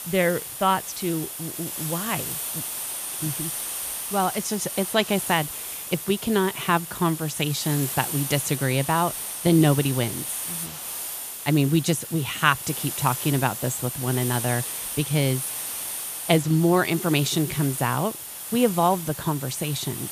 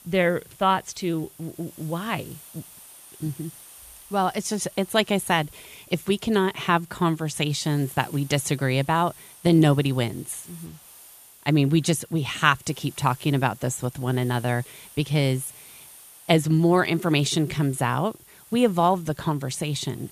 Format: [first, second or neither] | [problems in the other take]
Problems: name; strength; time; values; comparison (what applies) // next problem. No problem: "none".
second | hiss; loud; throughout; 6 dB below the speech; faint in the second